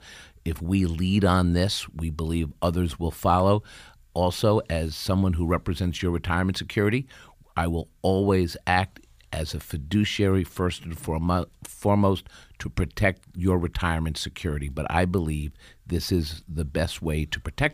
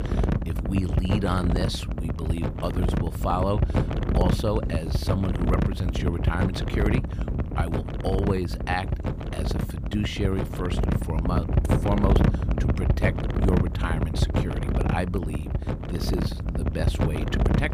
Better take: first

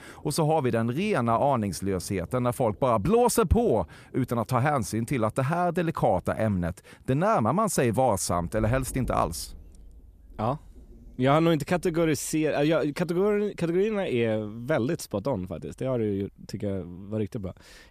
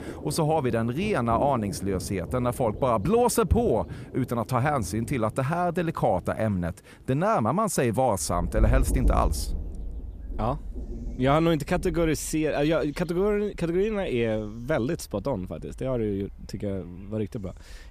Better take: first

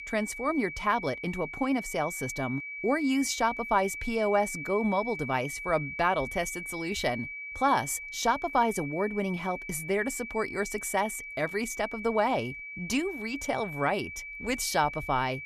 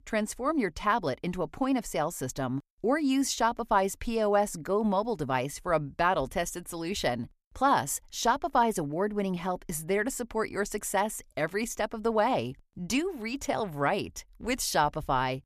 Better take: second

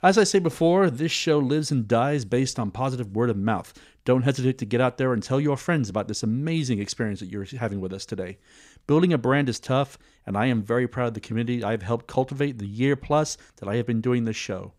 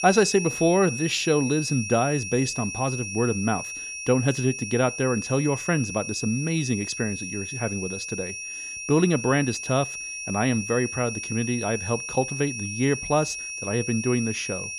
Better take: first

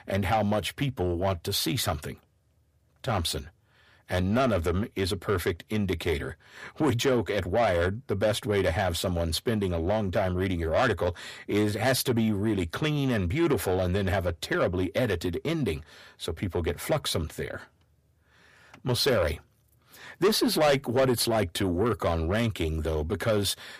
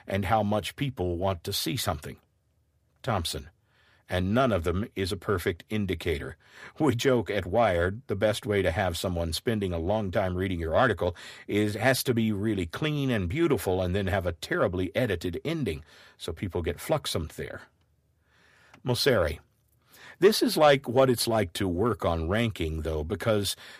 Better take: second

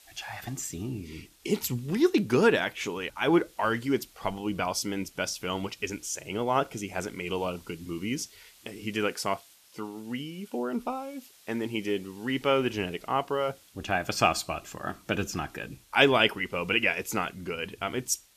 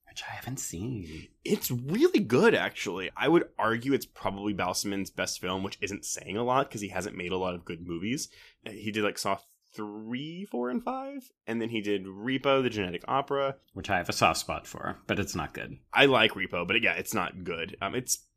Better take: second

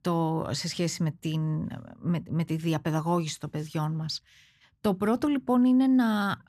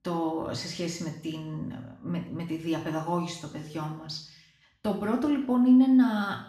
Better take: first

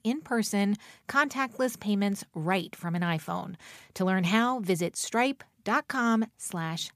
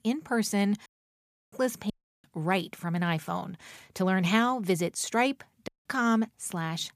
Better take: first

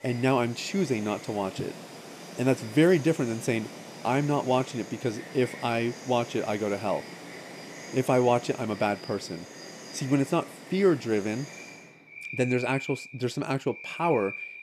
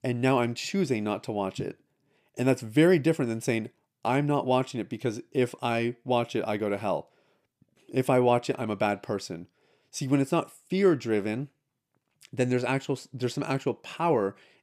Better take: second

